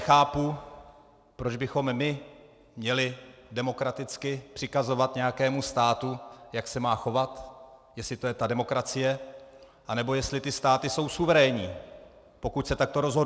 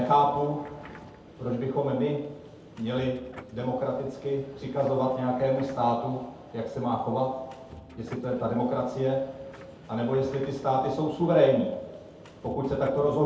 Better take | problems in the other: first | background sound (Subway, metro, underground); 20 dB below the speech // room echo; dies away in 0.8 s

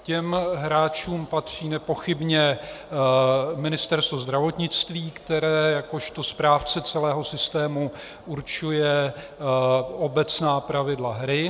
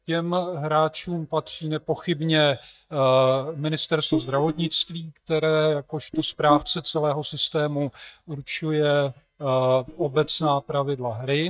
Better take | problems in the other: first | noise reduction (neural mask model DeepFilterNet 3)

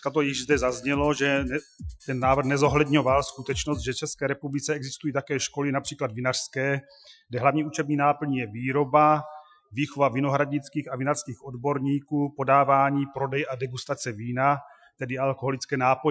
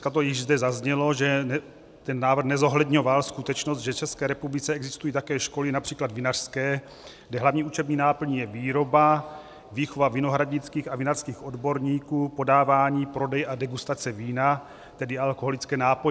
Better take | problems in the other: second | noise reduction (classical method Wiener filter)

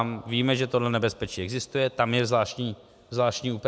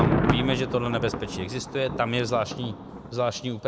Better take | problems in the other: first | background sound (Thunder); 1 dB below the speech

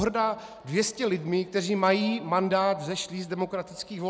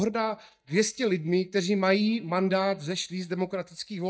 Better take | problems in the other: first | noise reduction (neural mask model DeepFilterNet 3)

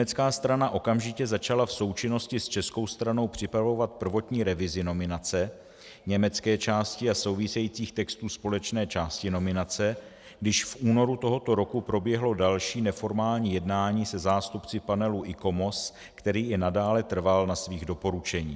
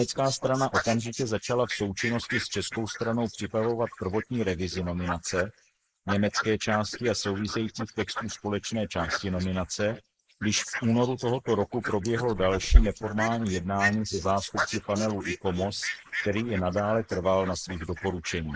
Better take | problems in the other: first | noise reduction (neural mask model Resemble Enhance denoiser)

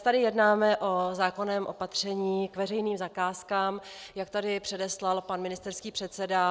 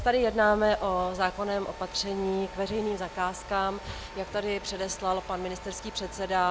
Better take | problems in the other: first | background sound (Mechanisms); 13 dB below the speech

